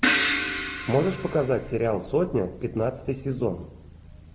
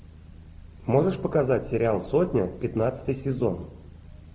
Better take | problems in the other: second | background sound (Crash cymbal); 1 dB below the speech

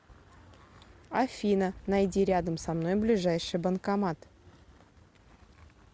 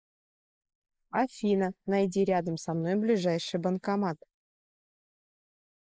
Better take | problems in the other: first | noise reduction (neural mask model Resemble Enhance denoiser)

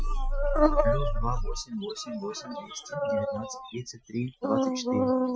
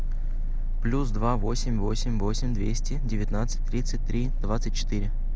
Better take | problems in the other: second | noise reduction (classical method Wiener filter)

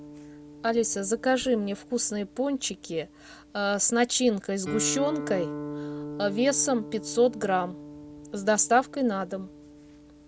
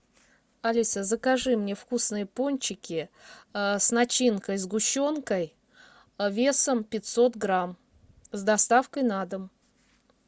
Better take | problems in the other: second | background sound (Guitar); 12 dB below the speech

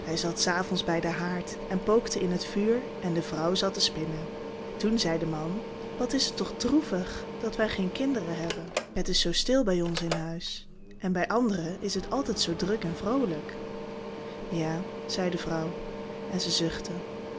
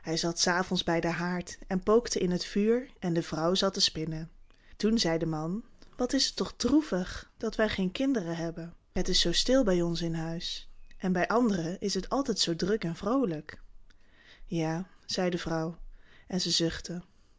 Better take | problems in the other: second | background sound (Mechanical fan); 8 dB below the speech

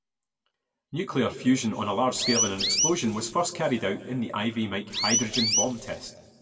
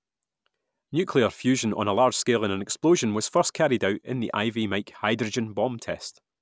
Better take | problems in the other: second | background sound (Chirp, tweet); 1 dB above the speech // room echo; dies away in 1.3 s

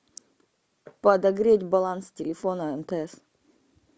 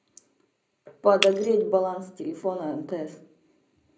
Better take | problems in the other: first | background sound (Shatter); 11 dB below the speech // room echo; dies away in 0.5 s

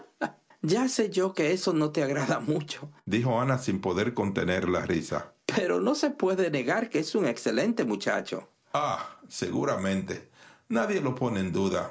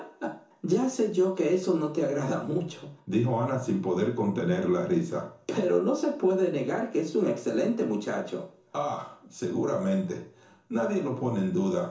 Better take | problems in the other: first | room echo; dies away in 0.7 s

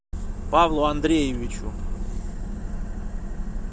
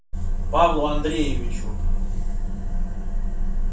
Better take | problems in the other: first | room echo; dies away in 0.3 s

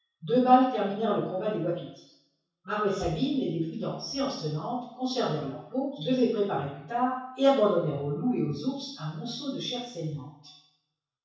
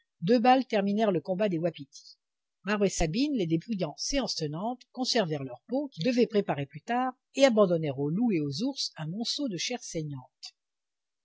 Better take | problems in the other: second | room echo; dies away in 0.7 s

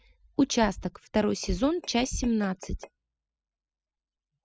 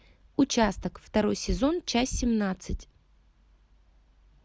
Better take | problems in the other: second | noise reduction (classical method spectral subtraction)

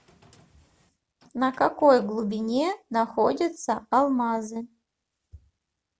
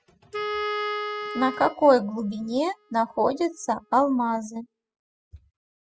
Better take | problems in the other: first | noise reduction (classical method spectral subtraction)

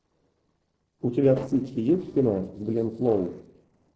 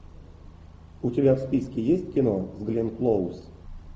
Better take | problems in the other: second | noise reduction (neural separator model SepFormer DNS4)

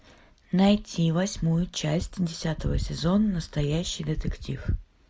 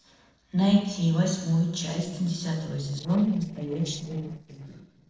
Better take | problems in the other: first | noise reduction (neural separator model SepFormer DNS4)

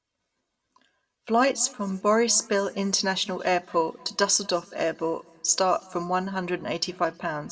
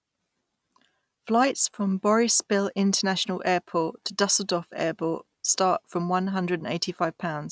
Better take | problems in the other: second | room echo; dies away in 1 s

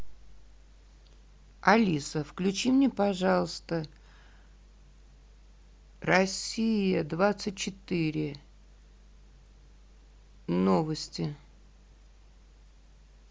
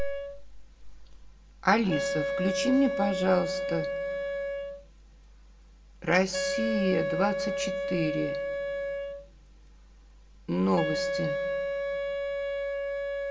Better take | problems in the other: first | background sound (Wind instrument, woodwind instrument); 1 dB below the speech // room echo; dies away in 0.9 s

